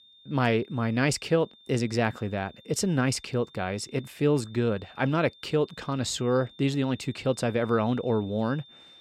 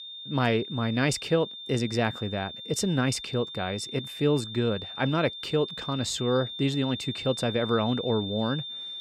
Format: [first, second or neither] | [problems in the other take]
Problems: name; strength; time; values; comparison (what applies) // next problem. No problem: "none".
first | high-pitched whine; loud; throughout; 3.5 kHz, 8 dB below the speech; faint in the first